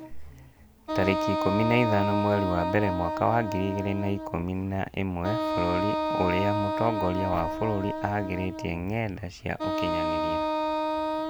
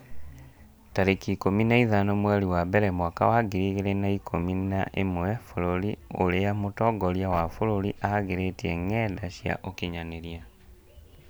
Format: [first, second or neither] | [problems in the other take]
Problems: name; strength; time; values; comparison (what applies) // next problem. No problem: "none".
second | background sound (Wind instrument, woodwind instrument); 1 dB below the speech